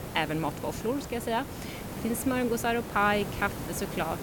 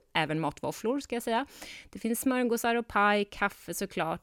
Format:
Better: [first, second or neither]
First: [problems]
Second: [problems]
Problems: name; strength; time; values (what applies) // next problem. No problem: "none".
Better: second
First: hiss; loud; throughout; 8 dB below the speech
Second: none